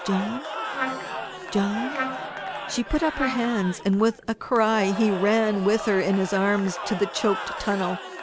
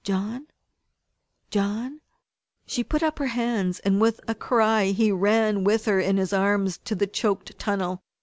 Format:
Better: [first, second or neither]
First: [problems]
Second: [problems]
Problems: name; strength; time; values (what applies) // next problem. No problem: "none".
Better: second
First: background sound (Trumpet + Crowd / Cheering); 8 dB below the speech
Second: none